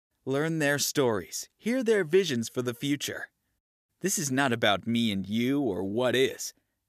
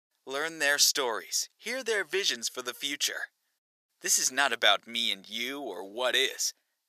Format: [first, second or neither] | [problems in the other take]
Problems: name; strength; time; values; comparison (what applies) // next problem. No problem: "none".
first | thin; very; fading below 750 Hz